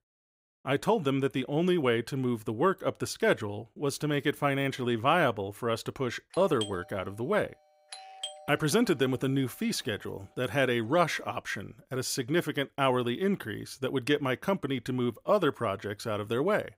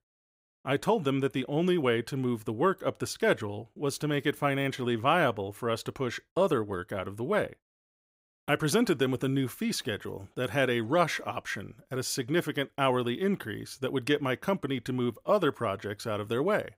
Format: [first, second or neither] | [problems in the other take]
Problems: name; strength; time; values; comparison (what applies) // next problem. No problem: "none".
second | doorbell; noticeable; from 6.5 to 8.5 s; peak 9 dB below the speech